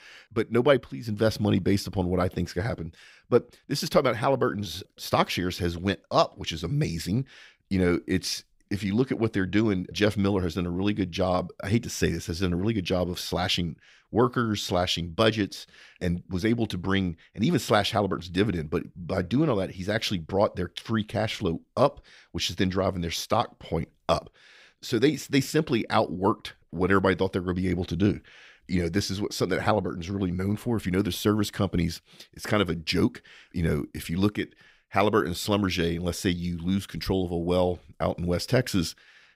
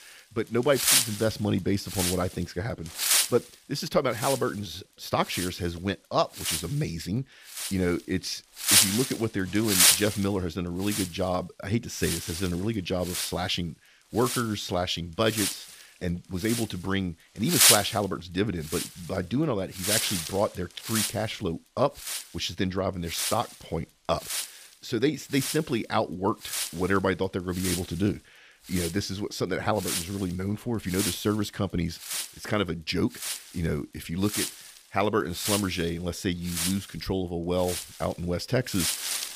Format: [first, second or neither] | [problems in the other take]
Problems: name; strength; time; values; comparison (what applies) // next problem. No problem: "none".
first | wind noise on the microphone; heavy; 2 dB above the speech